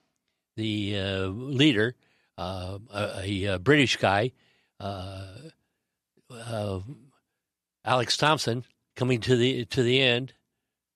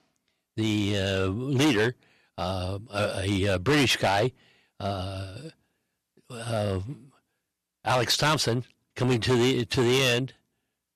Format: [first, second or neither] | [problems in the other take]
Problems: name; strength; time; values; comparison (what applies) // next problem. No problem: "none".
first | distortion; heavy; 7% of the sound clipped